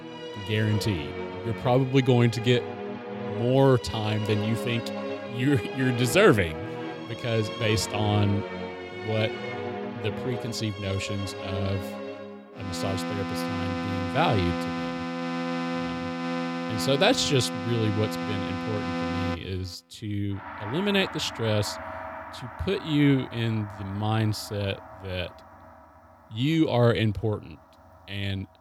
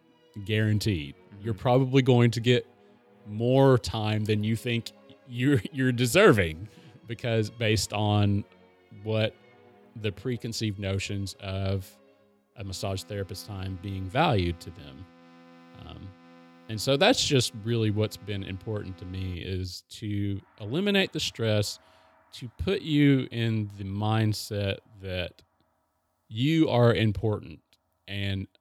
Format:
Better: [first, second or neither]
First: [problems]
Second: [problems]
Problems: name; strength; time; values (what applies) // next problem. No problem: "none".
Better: second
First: background music; loud; throughout; 7 dB below the speech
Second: background music; faint; throughout; 30 dB below the speech